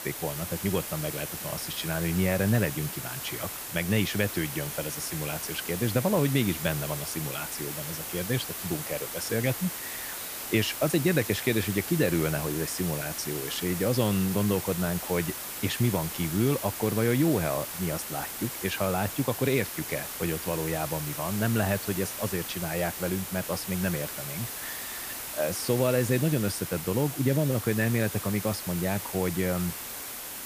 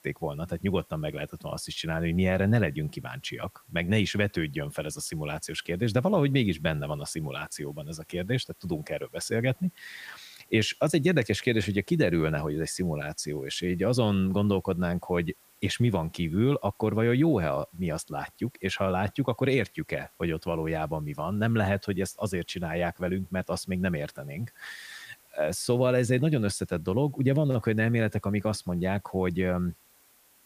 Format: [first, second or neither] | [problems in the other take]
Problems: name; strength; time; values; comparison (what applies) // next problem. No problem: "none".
second | hiss; loud; throughout; 5 dB below the speech; faint in the second